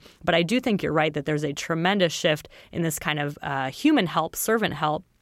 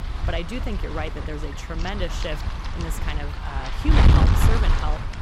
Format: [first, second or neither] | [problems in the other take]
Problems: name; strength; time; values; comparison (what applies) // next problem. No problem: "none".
first | wind noise on the microphone; heavy; 1 dB above the speech